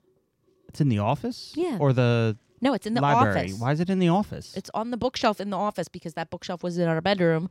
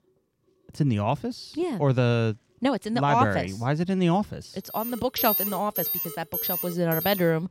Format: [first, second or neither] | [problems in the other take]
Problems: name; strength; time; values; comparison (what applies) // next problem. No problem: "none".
first | alarm; loud; from 4.5 s on; peak 2 dB above the speech